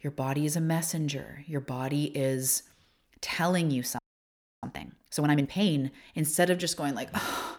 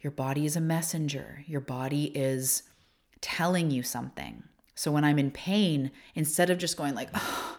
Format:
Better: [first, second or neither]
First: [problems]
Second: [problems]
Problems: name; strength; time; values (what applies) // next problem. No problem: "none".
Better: second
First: audio freezing; at 4 s for 0.5 s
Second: none